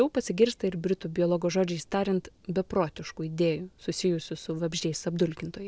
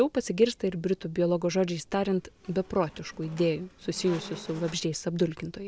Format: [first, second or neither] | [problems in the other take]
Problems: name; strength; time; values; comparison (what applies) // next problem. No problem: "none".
first | background sound (Squeak); 19 dB below the speech